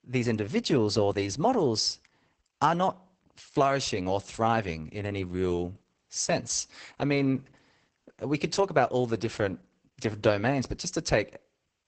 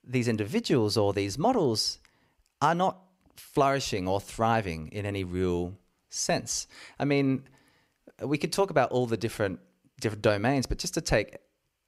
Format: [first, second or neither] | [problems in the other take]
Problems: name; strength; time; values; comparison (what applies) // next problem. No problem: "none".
second | garbled, watery; badly; nothing above 8 kHz